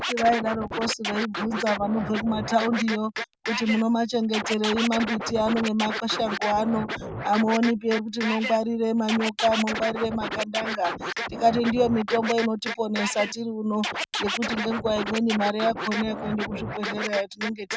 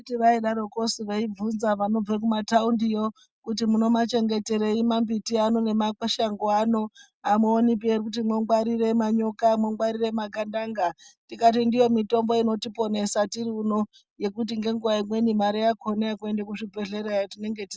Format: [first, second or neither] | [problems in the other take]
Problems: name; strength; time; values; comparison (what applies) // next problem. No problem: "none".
second | background sound (Scratching (performance technique)); 6 dB below the speech